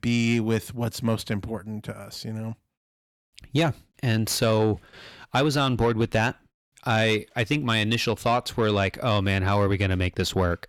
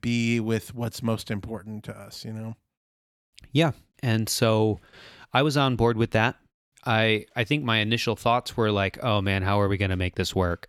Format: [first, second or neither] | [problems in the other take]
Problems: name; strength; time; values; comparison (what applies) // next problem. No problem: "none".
second | distortion; slight; 10 dB below the speech